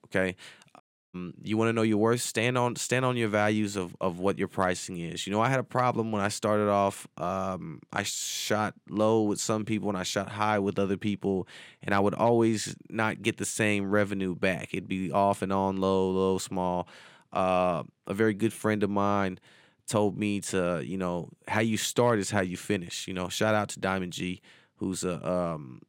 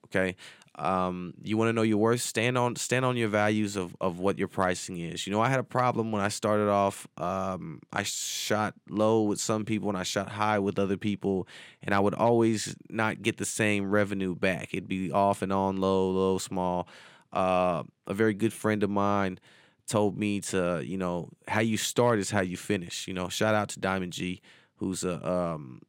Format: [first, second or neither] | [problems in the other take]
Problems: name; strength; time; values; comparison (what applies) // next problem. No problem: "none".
second | audio cutting out; at 1 s